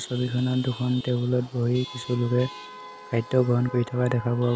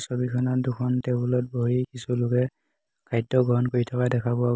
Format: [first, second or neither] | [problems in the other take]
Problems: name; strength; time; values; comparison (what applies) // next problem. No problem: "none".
second | background sound (Chatter / Traffic noise, roadway noise / Vehicle horn, car horn, honking / Engine); 17 dB below the speech